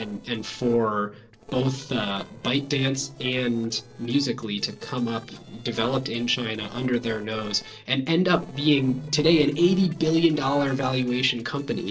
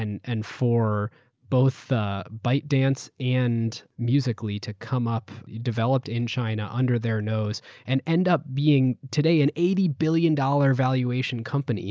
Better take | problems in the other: second | noise reduction (neural separator model SepFormer DNS4)

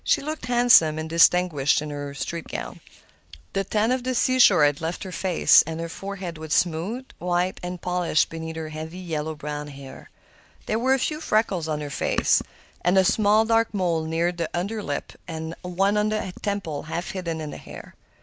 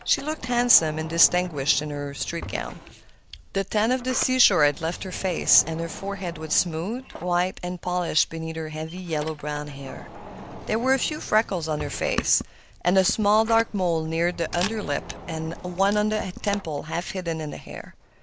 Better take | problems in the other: first | background sound (Sliding door + Camera); 14 dB below the speech

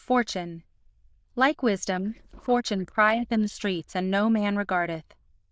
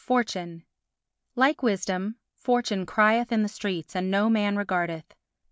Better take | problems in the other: second | noise reduction (neural diffusion model UNIVERSE++)

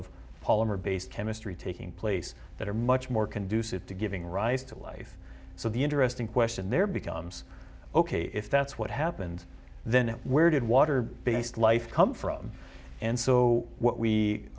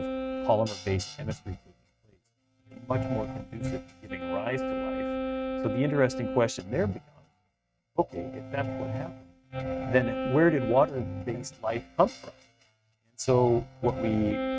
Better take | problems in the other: first | noise reduction (neural mask model RNNoise)

